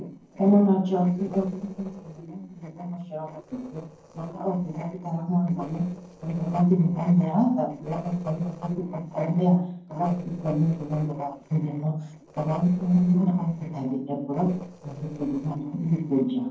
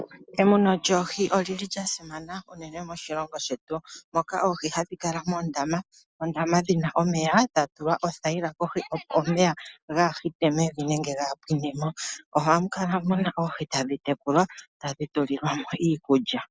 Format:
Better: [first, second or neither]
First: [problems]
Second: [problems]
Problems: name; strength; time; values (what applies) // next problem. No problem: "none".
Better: second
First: noise reduction (neural separator model SepFormer DNS4)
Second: none